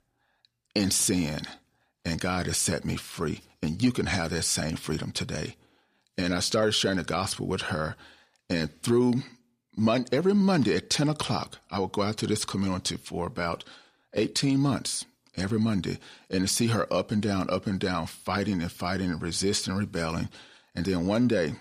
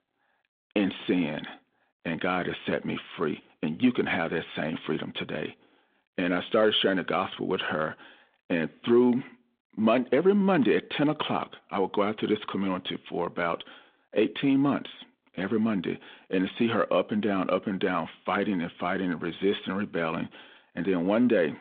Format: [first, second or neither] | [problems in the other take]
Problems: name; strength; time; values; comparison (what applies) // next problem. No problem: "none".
first | phone-call audio